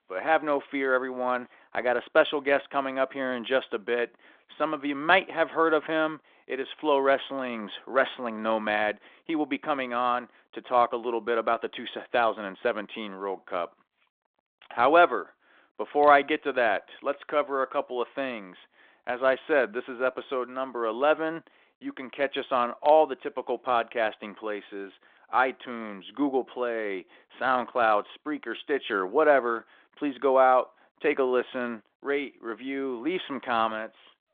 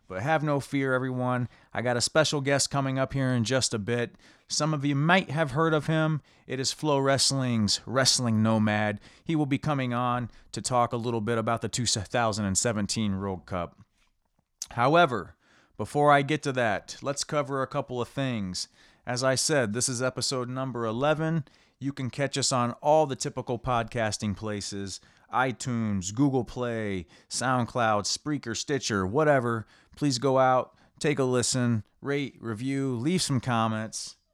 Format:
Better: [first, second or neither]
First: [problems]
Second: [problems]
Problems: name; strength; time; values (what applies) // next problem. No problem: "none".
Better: second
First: phone-call audio; nothing above 3.5 kHz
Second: none